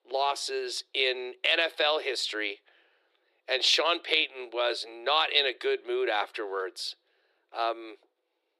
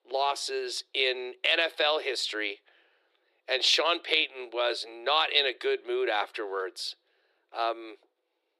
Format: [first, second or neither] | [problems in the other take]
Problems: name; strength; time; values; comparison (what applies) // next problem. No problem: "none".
neither | thin; very; fading below 350 Hz; the same in both